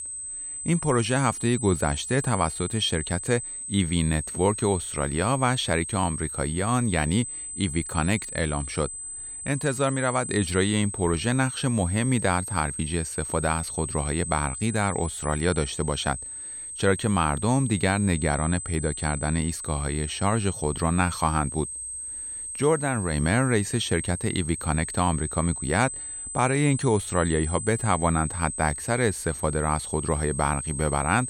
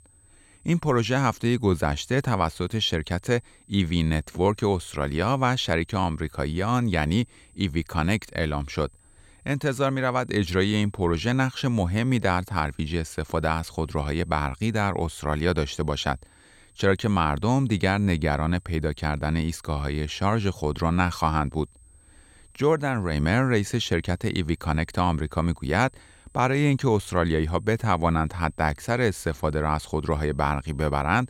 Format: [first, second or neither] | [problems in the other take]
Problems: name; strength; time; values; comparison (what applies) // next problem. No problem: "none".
second | high-pitched whine; loud; throughout; 8.5 kHz, 7 dB below the speech; faint in the second